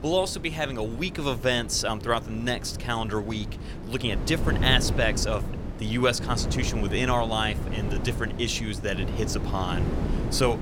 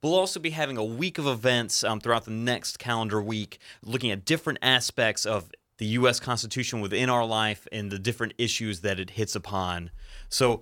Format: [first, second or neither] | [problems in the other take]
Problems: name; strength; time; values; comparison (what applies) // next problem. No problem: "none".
second | wind noise on the microphone; occasional gusts; 10 dB below the speech